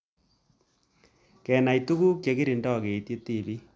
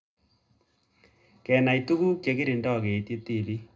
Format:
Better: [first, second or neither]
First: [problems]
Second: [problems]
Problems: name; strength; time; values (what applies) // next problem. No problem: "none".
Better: first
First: none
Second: room echo; dies away in 0.2 s